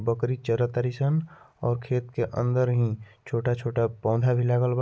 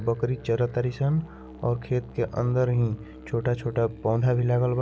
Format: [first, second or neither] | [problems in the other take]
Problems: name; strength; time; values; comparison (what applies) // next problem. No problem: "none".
first | background sound (Musical instrument); 18 dB below the speech